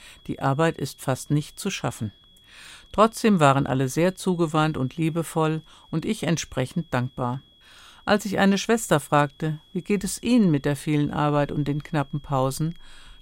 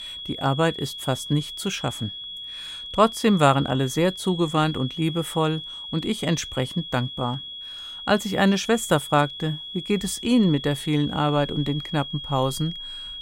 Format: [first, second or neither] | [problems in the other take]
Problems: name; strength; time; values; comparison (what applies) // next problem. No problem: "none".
first | high-pitched whine; loud; throughout; 3.5 kHz, 10 dB below the speech; faint in the first